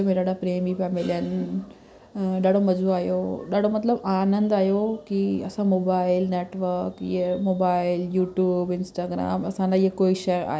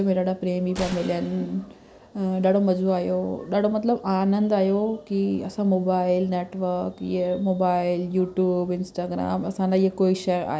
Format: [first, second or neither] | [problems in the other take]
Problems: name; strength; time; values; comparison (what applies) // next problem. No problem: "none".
first | background sound (Gunshot, gunfire); 20 dB below the speech